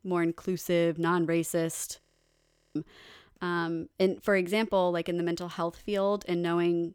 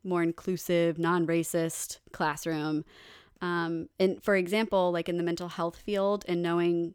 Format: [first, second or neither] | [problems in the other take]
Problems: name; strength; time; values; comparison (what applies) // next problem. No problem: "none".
second | audio freezing; at 2 s for 0.5 s